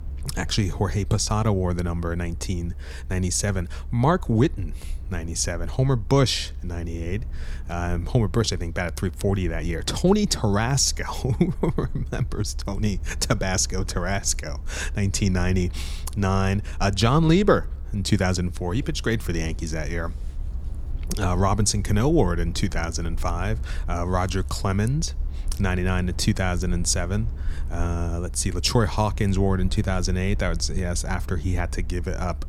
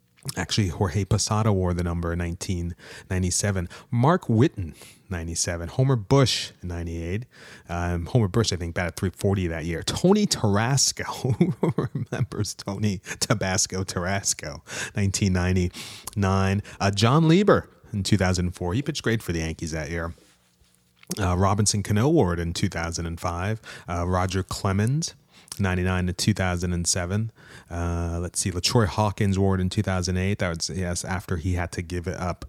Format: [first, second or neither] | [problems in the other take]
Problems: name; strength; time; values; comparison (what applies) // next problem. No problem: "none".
second | low rumble; faint; throughout; 25 dB below the speech